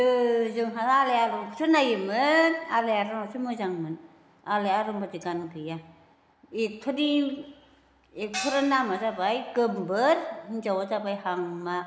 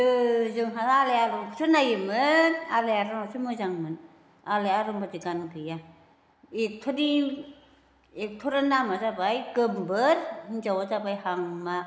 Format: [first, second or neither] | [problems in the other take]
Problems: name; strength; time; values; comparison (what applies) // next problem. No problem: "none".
second | background sound (Gong); 10 dB below the speech